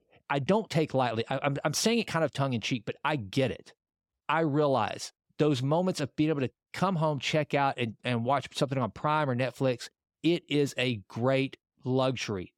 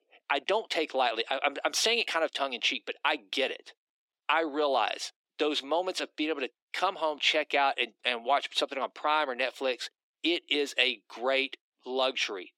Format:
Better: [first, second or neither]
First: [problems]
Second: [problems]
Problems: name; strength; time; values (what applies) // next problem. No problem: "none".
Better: first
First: none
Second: thin; somewhat; fading below 300 Hz